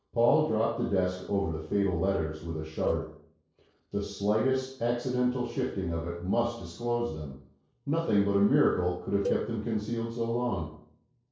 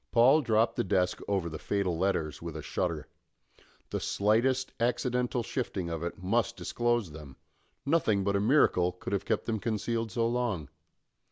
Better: second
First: noise reduction (neural separator model SepFormer DNS4)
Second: none

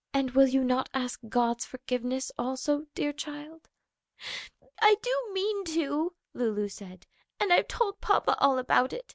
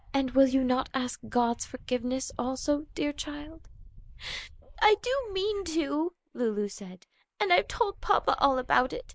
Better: first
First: none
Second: noise reduction (neural mask model Resemble Enhance denoiser)

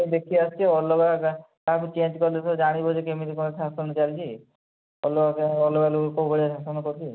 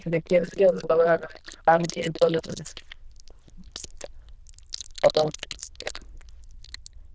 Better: first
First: none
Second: noise reduction (neural diffusion model UNIVERSE++)

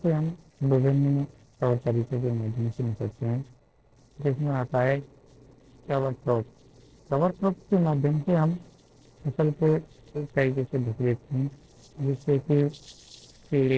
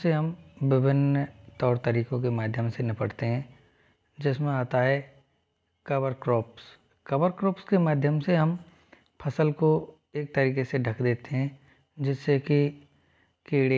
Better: second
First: noise reduction (neural separator model SepFormer DNS4)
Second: none

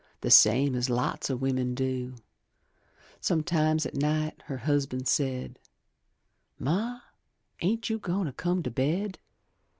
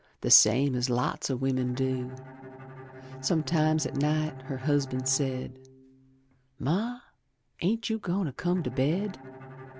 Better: first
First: none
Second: background sound (Bowed string instrument); 16 dB below the speech

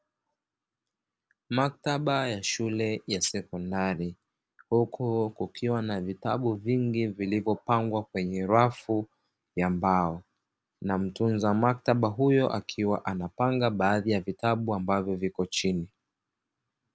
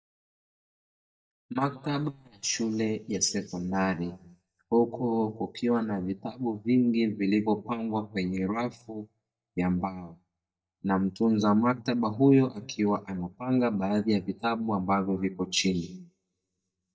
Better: first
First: none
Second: noise reduction (neural mask model DeepFilterNet 3)

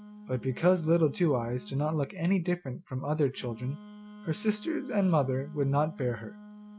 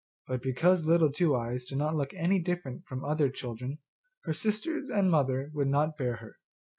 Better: second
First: background sound (Wind instrument, woodwind instrument); 18 dB below the speech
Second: none

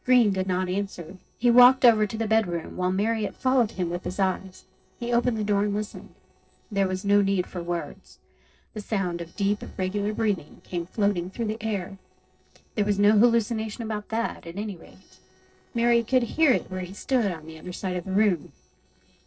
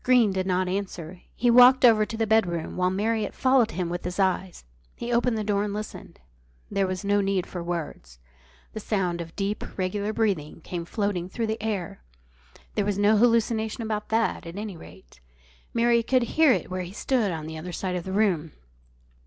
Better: second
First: noise reduction (neural separator model SepFormer DNS4)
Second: none

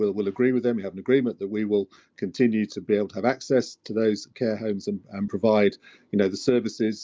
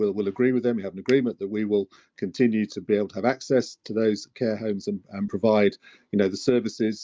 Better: first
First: none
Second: noise reduction (neural mask model RNNoise)

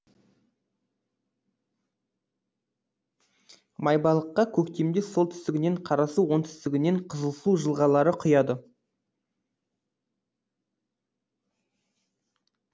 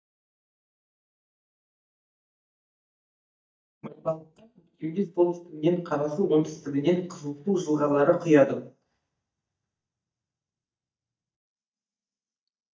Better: first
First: none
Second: noise reduction (neural mask model DeepFilterNet 3)

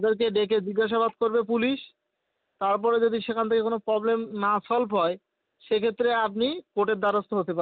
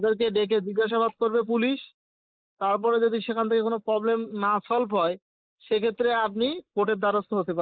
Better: first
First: none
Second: noise reduction (neural mask model Resemble Enhance denoiser)

